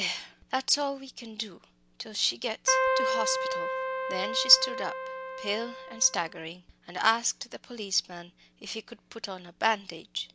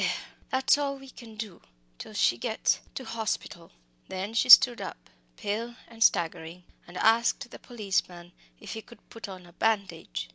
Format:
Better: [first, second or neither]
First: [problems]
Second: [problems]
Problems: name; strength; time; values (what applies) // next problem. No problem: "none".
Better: second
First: background sound (Keyboard (musical)); as loud as the speech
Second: none